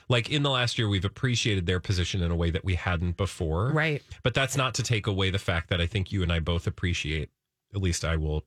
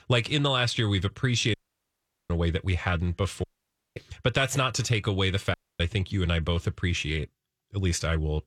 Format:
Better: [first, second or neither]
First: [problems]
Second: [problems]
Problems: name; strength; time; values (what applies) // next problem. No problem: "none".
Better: first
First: none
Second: audio cutting out; at 1.5 s for 1 s, at 3.5 s for 0.5 s and at 5.5 s